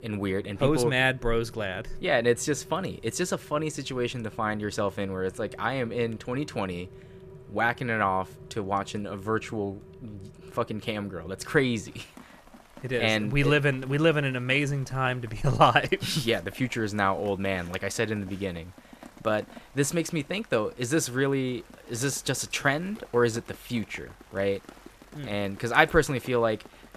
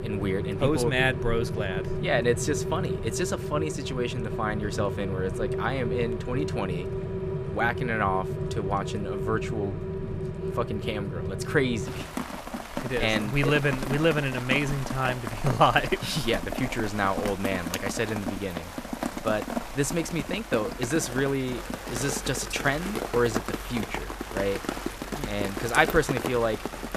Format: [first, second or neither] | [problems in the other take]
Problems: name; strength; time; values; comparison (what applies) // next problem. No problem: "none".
first | rain or running water; loud; throughout; 5 dB below the speech; faint in the first